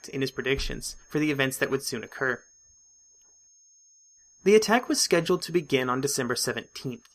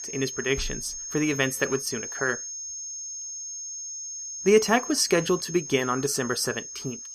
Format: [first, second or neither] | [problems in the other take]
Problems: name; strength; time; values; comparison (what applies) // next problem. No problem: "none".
first | high-pitched whine; loud; throughout; 6.5 kHz, 8 dB below the speech; faint in the first